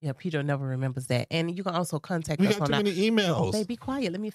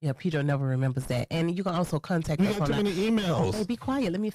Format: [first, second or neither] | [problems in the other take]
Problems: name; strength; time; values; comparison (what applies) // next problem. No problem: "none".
first | distortion; heavy; 7 dB below the speech